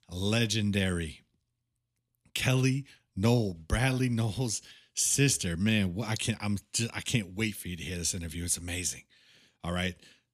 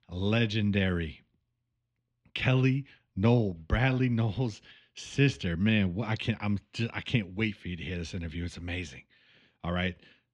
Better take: first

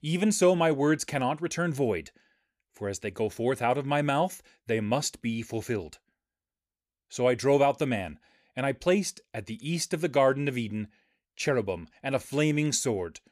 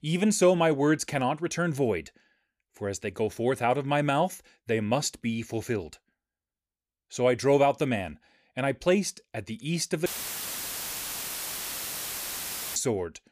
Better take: first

